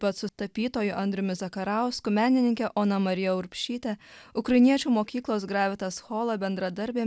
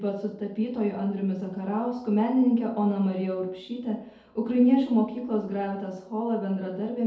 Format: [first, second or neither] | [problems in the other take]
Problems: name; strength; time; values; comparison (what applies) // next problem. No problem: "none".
first | room echo; dies away in 2 s